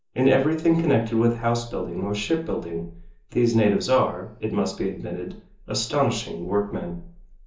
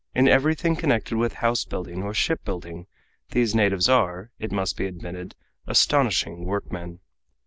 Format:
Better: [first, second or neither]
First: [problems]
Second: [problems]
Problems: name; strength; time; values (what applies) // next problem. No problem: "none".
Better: second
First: room echo; dies away in 0.8 s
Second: none